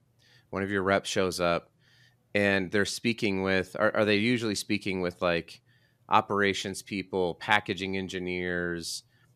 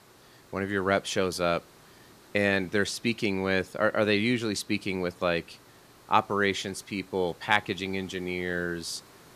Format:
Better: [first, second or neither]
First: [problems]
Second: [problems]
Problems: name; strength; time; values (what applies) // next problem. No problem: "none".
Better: first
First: none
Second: hiss; faint; throughout; 25 dB below the speech